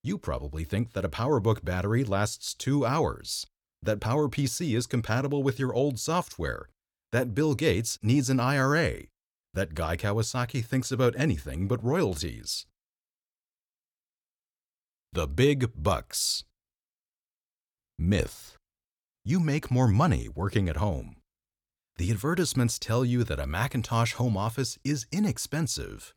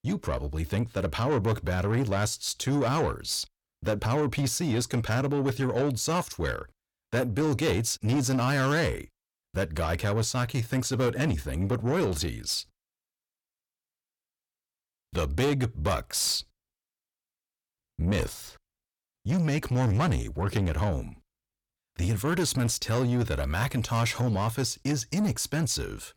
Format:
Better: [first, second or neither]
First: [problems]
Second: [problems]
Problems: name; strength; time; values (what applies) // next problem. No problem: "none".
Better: first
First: none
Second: distortion; slight; 10 dB below the speech